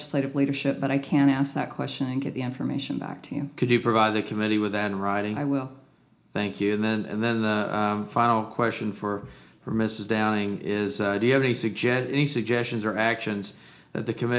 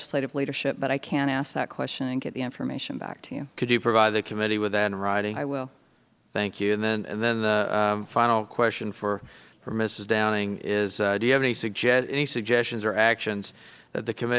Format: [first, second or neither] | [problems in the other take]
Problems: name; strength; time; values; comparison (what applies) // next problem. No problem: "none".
second | room echo; dies away in 0.4 s